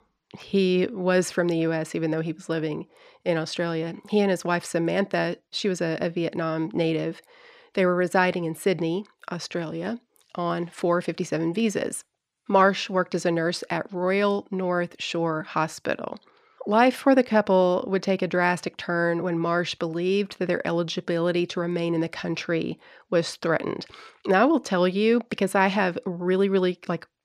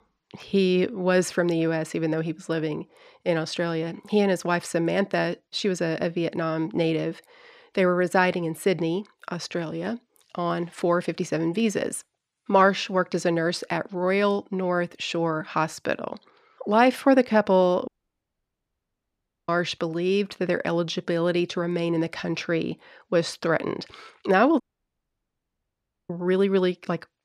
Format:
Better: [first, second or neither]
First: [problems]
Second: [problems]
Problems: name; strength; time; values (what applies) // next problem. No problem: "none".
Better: first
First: none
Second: audio cutting out; at 18 s for 1.5 s and at 25 s for 1.5 s